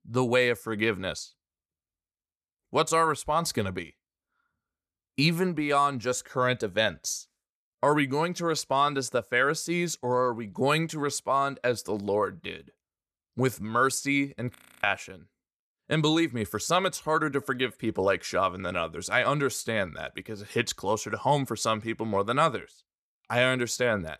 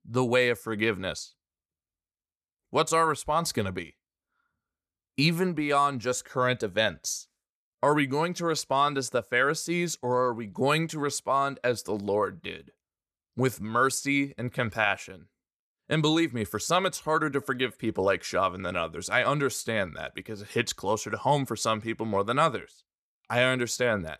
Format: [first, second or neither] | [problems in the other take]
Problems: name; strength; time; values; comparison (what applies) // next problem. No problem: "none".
second | audio freezing; at 15 s